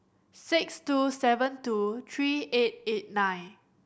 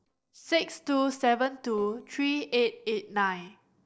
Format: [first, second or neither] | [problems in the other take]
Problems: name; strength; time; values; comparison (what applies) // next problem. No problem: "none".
first | noise reduction (neural separator model SepFormer DNS4)